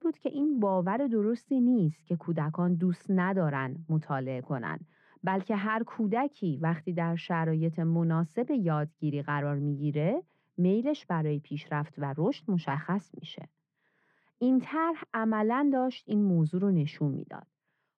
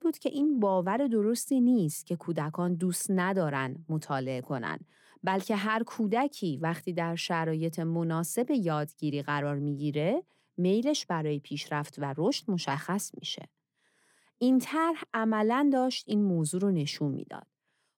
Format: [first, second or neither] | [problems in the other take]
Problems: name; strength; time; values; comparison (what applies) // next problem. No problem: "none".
second | muffled; very; fading above 2 kHz